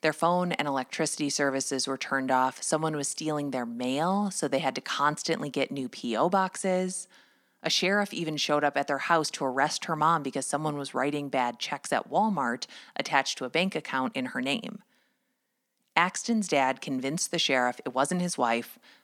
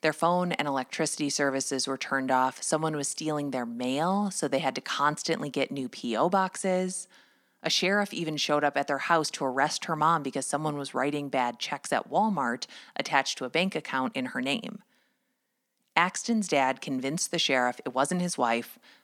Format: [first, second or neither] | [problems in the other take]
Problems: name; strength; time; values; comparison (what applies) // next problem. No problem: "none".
neither | none